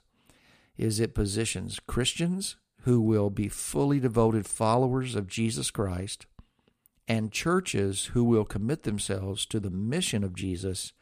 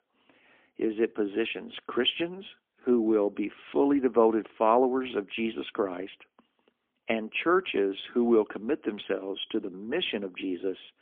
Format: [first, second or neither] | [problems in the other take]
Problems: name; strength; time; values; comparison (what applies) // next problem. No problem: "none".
first | phone-call audio; poor line; nothing above 3.5 kHz